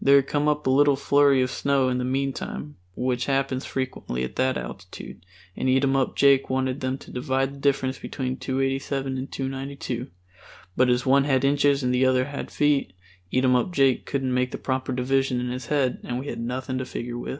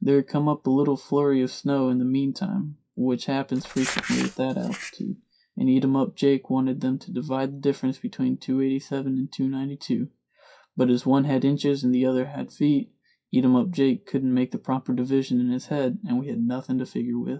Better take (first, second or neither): first